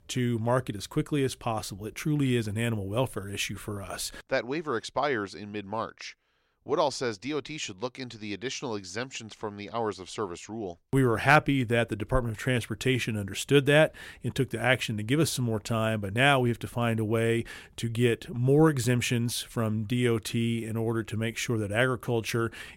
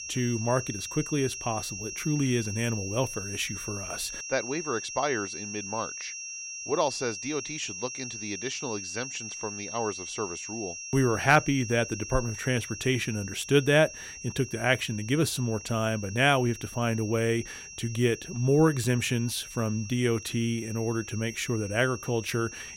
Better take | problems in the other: first | high-pitched whine; loud; throughout; 5.5 kHz, 9 dB below the speech

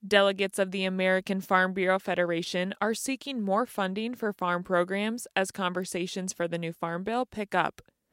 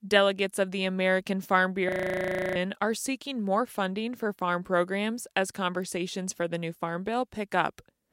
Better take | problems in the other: first | audio freezing; at 2 s for 0.5 s

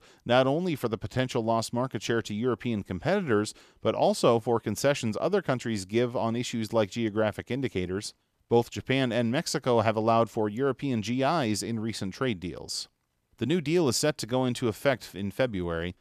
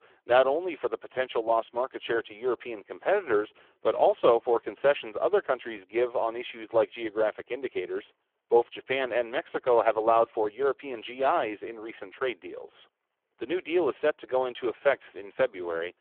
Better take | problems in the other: first | phone-call audio; poor line

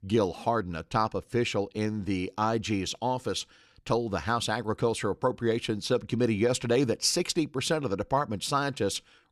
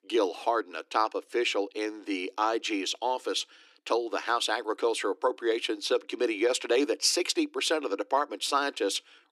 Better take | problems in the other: first | thin; somewhat; fading below 300 Hz

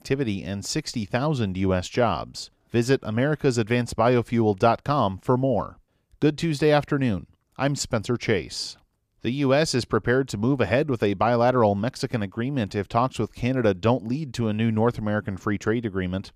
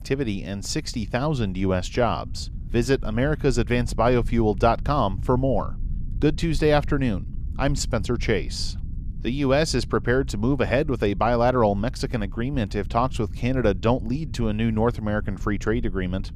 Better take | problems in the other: first | low rumble; faint; throughout; 25 dB below the speech

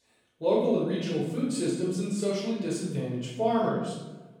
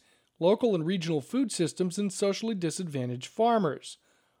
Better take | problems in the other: second | off-mic speech; far // room echo; noticeable; dies away in 1 s

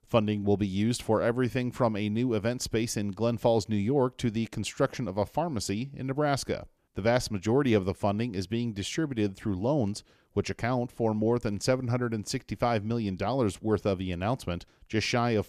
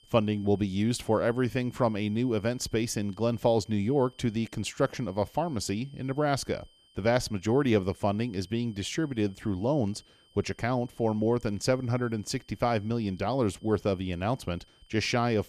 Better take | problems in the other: first | high-pitched whine; faint; throughout; 3 kHz, 30 dB below the speech

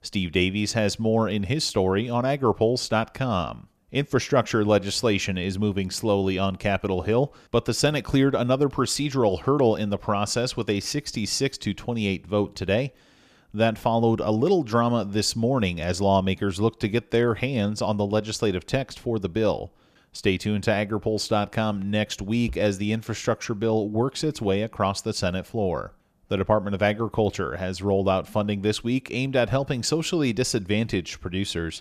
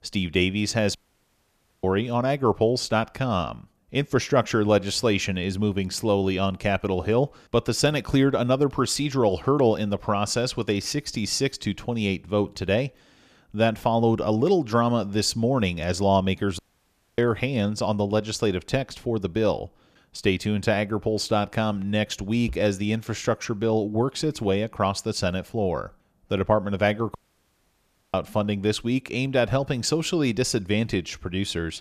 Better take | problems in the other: first | audio cutting out; at 1 s for 1 s, at 17 s for 0.5 s and at 27 s for 1 s

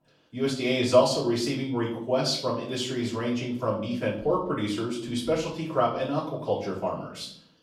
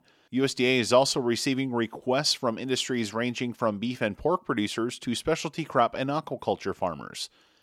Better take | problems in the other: second | room echo; noticeable; dies away in 0.6 s // off-mic speech; far

